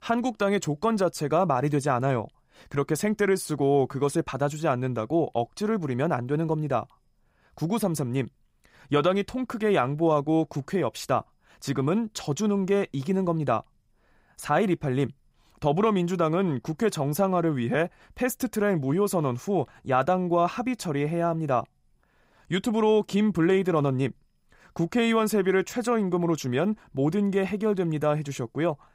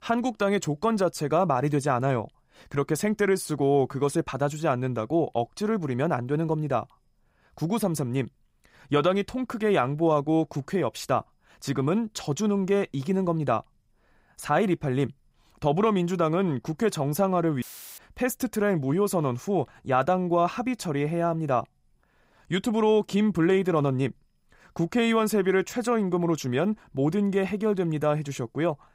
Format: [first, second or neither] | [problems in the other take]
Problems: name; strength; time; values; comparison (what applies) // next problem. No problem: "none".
first | audio cutting out; filled with static; at 18 s